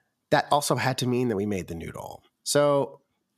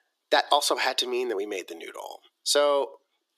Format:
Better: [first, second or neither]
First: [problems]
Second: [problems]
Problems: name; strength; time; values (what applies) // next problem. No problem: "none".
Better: first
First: none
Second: thin; very; fading below 350 Hz